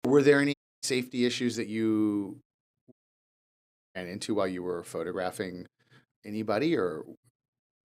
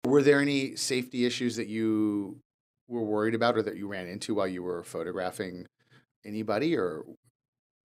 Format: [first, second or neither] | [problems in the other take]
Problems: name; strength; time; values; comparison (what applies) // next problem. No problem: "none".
second | audio cutting out; at 0.5 s and at 3 s for 1 s